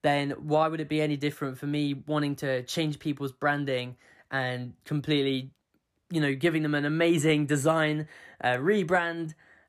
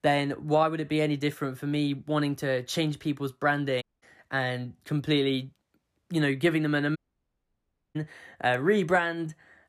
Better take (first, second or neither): first